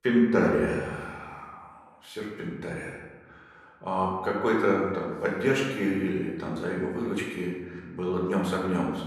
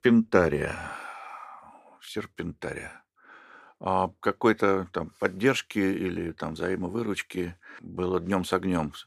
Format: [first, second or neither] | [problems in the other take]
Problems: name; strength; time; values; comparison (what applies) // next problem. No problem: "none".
second | room echo; noticeable; dies away in 1.1 s // off-mic speech; far